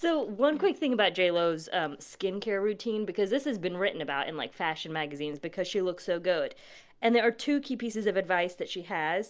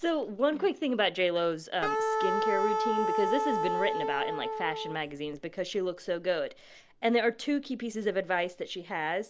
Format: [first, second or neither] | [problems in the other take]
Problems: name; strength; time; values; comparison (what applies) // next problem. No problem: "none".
first | background sound (Wind instrument, woodwind instrument); as loud as the speech